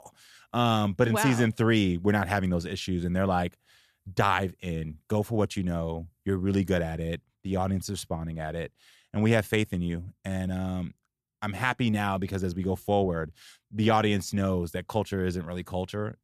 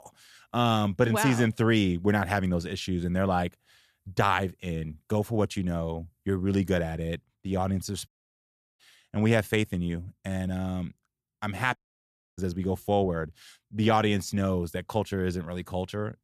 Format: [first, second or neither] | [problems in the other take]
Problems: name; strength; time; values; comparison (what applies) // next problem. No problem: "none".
first | audio cutting out; at 8 s for 0.5 s and at 12 s for 0.5 s